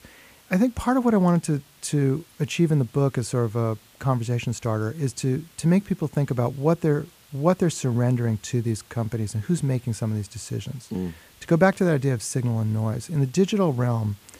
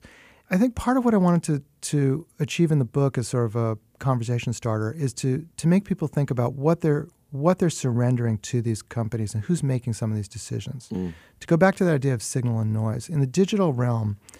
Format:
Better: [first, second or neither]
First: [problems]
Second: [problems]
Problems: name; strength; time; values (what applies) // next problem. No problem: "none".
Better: second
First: hiss; faint; throughout; 30 dB below the speech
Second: none